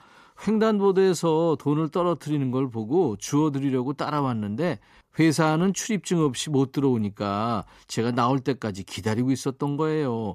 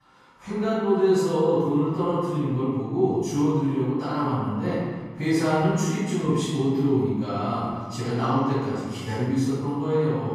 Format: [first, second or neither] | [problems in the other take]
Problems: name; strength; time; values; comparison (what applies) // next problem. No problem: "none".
first | off-mic speech; far // room echo; strong; dies away in 1.6 s